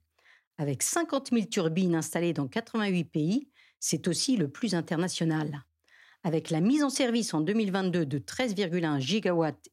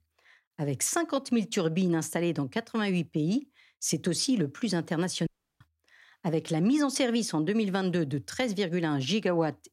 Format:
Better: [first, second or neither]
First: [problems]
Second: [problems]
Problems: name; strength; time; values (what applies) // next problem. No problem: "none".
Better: first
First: none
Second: audio cutting out; at 5.5 s